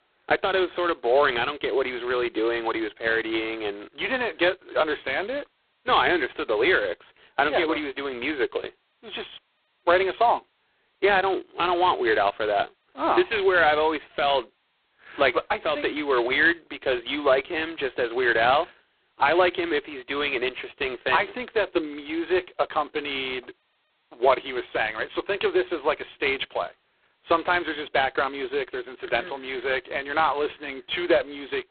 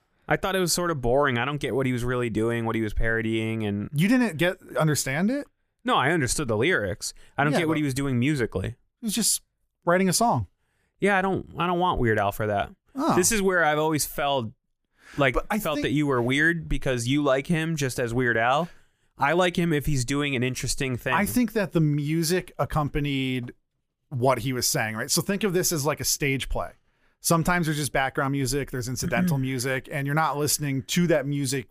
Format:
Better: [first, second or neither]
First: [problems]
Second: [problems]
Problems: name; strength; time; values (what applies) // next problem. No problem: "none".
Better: second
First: phone-call audio; poor line; nothing above 4 kHz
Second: none